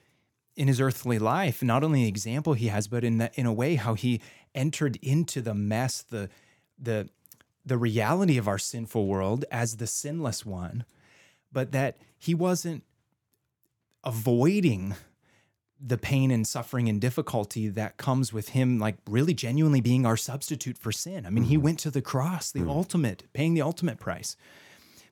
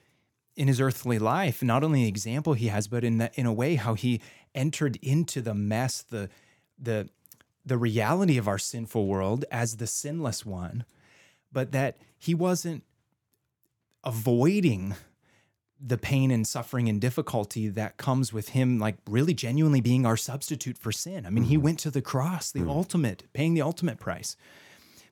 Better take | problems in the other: neither | none

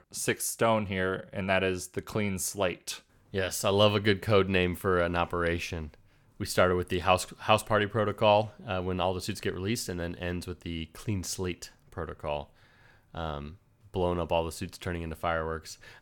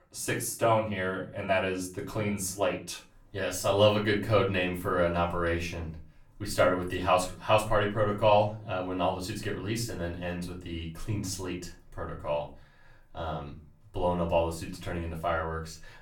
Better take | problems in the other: first | room echo; slight; dies away in 0.3 s // off-mic speech; far

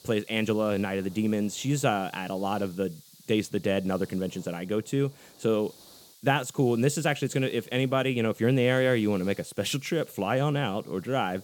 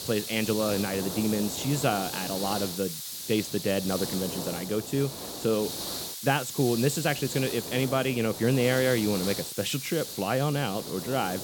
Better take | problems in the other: first | hiss; loud; throughout; 6 dB below the speech; faint in the first

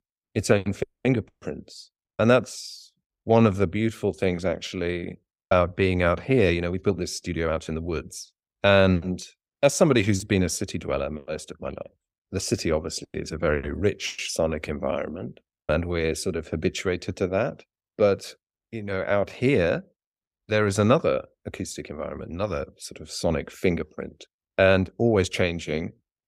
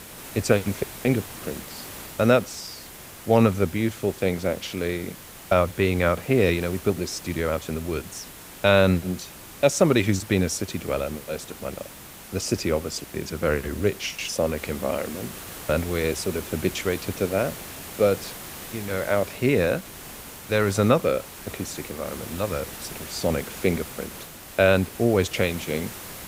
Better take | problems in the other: first | hiss; noticeable; throughout; 15 dB below the speech

